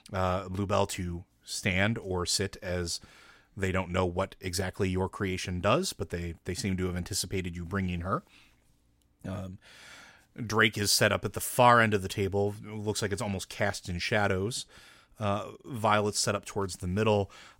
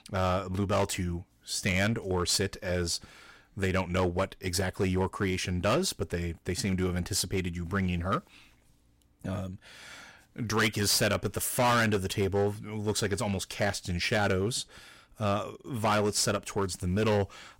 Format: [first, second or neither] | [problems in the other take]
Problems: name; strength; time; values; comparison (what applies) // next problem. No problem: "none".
first | distortion; heavy; 7% of the sound clipped